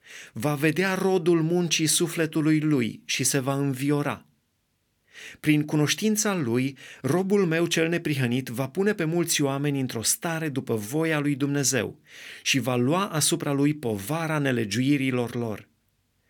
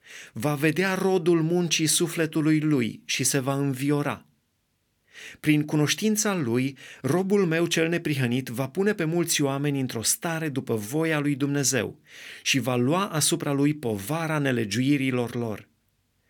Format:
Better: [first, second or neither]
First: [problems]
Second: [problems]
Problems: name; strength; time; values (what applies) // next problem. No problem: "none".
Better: neither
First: none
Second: none